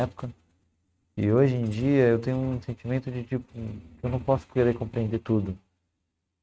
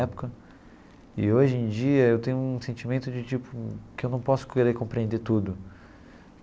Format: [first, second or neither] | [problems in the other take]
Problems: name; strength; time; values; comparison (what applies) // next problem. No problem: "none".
second | noise reduction (neural mask model RNNoise)